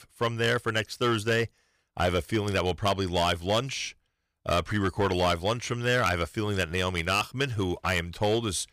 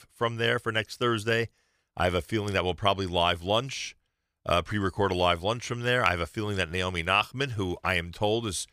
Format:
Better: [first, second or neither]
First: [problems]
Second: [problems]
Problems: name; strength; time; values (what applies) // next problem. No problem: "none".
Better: second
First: distortion; slight; 5% of the sound clipped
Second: none